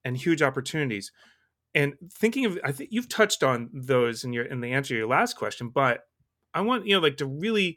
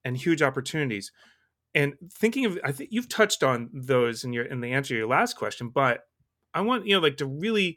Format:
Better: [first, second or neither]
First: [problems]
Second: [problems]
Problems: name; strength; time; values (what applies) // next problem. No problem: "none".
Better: neither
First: none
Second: none